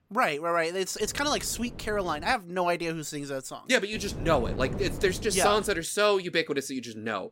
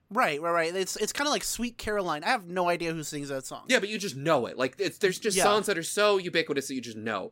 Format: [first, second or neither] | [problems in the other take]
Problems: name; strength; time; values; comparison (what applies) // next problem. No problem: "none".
second | wind noise on the microphone; occasional gusts; from 1 to 2.5 s and from 4 to 6 s; 20 dB below the speech